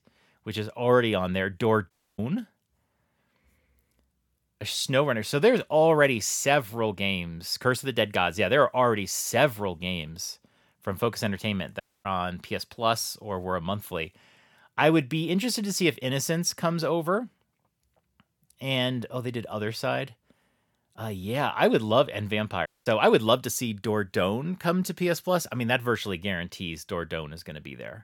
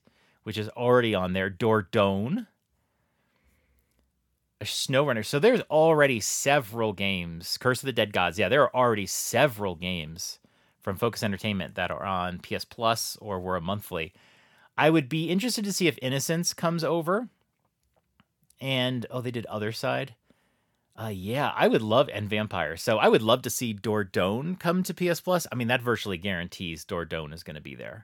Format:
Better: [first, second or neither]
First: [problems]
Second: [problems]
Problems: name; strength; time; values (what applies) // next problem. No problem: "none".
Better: second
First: audio cutting out; at 2 s, at 12 s and at 23 s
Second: none